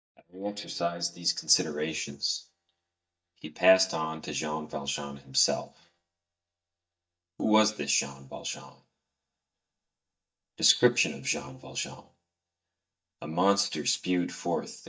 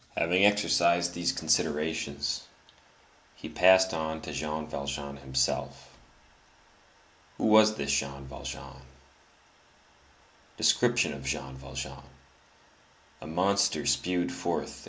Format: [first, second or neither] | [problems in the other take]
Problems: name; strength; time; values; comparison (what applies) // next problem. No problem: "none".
second | noise reduction (neural mask model DeepFilterNet 3)